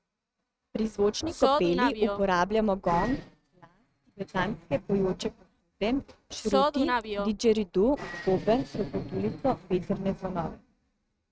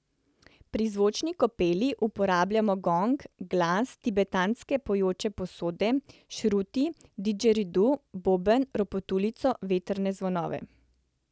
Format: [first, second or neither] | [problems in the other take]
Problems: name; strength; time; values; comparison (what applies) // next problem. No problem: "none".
second | noise reduction (neural mask model RNNoise)